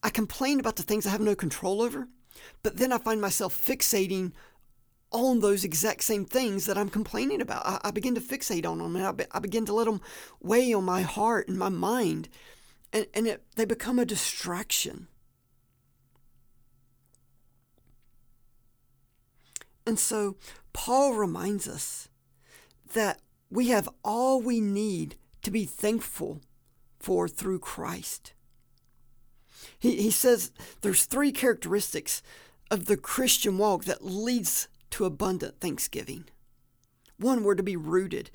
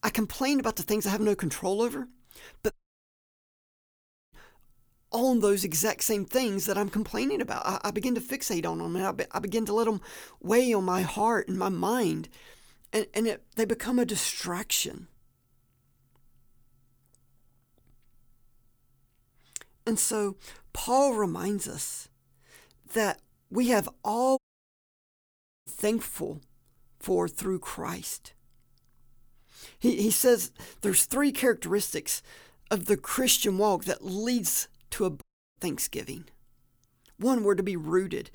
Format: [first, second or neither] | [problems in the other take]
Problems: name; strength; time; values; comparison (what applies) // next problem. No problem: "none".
first | audio cutting out; at 2.5 s for 1.5 s, at 24 s for 1.5 s and at 35 s